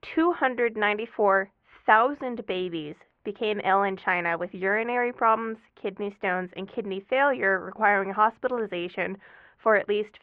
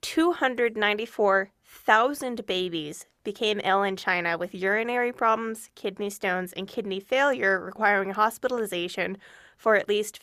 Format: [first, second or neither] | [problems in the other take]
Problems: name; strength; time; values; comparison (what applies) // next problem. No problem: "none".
second | muffled; very; fading above 2.5 kHz